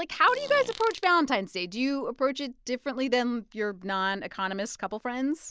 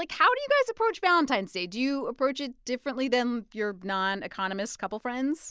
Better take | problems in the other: second | background sound (Fart); 17 dB below the speech

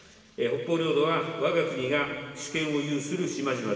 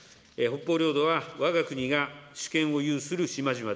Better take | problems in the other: second | room echo; dies away in 2.2 s

